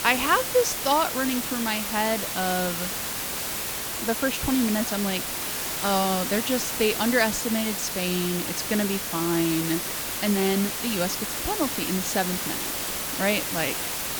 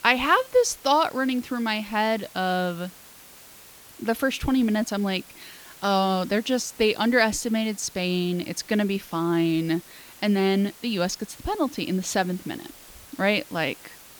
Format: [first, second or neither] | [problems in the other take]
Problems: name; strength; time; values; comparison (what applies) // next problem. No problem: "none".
second | hiss; loud; throughout; 2 dB below the speech; faint in the second